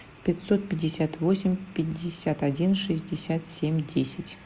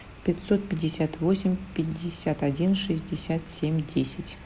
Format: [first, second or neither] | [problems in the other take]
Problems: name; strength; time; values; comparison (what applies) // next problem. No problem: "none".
first | background sound (Rain); 19 dB below the speech